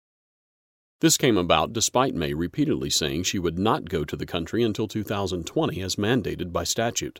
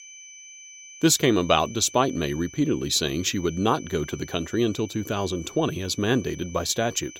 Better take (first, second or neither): first